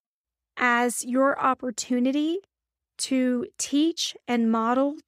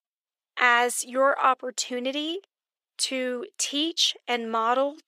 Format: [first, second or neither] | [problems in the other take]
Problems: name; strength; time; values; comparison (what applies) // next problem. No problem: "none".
first | thin; somewhat; fading below 550 Hz